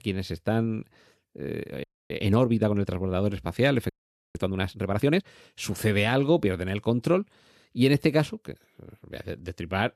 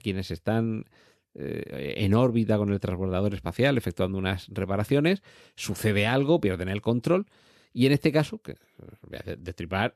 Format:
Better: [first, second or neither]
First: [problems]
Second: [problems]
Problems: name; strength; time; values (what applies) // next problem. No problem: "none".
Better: second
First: audio freezing; at 2 s and at 4 s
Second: none